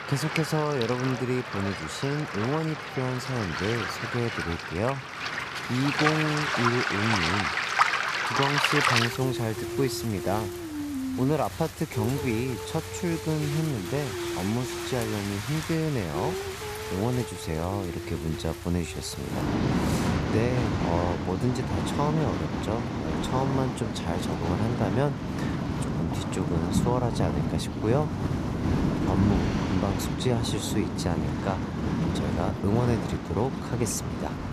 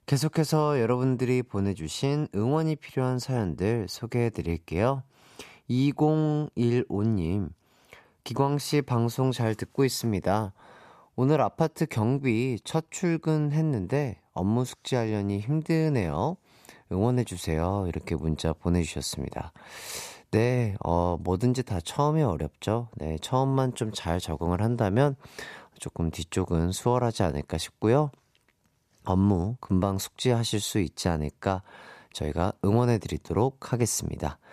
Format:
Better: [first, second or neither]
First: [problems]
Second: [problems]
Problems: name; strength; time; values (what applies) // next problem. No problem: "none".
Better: second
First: rain or running water; loud; throughout; as loud as the speech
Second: none